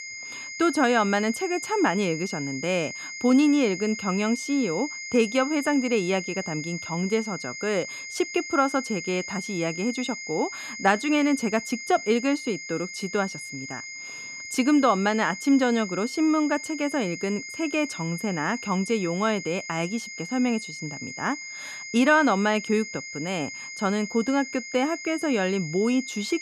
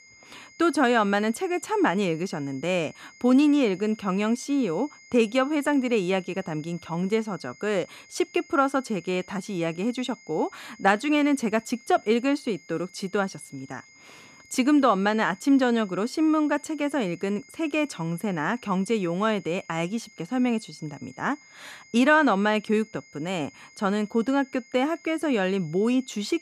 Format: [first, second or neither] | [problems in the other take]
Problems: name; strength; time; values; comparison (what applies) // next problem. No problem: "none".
second | high-pitched whine; loud; throughout; 2 kHz, 9 dB below the speech; faint in the second